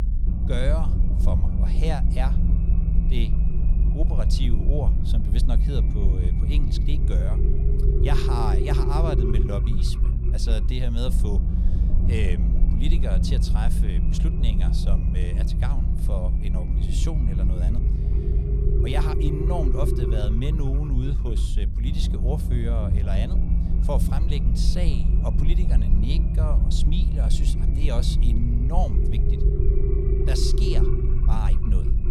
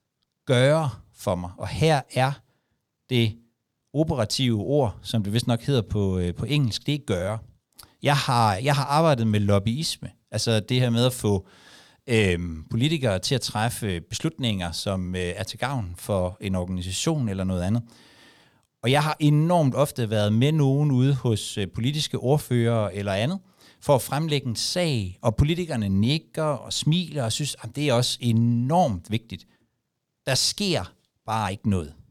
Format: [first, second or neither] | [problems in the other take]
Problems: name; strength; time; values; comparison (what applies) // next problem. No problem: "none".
second | low rumble; loud; throughout; 2 dB below the speech